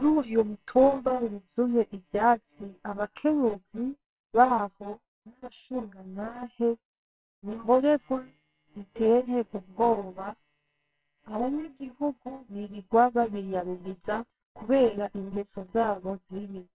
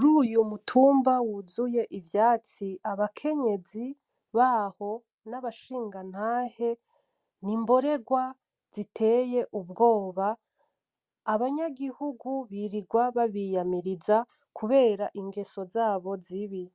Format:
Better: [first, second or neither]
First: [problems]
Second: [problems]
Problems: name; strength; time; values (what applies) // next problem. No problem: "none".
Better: second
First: noise reduction (neural separator model SepFormer WHAMR!)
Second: none